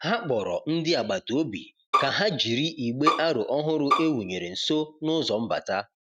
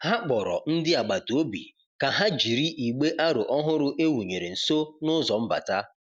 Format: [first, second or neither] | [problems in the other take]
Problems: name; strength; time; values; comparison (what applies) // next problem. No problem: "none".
second | noise reduction (neural mask model RNNoise)